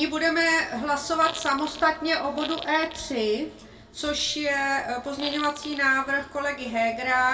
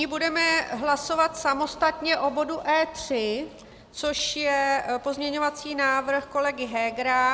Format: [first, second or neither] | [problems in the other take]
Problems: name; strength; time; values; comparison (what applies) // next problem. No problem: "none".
second | background sound (Fart); 14 dB below the speech // room echo; dies away in 0.2 s